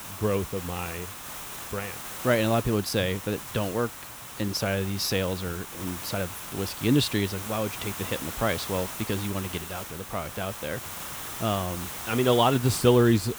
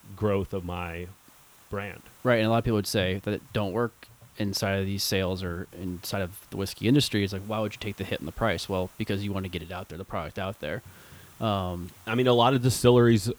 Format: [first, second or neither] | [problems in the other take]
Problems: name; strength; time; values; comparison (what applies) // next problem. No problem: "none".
second | hiss; loud; throughout; 8 dB below the speech; faint in the second